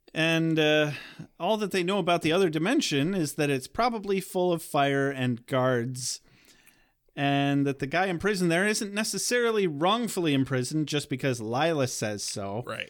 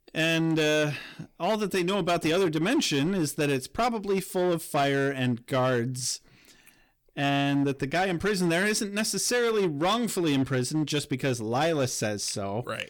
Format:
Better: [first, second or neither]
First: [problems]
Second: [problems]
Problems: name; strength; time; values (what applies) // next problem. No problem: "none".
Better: first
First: none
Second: distortion; slight; 10% of the sound clipped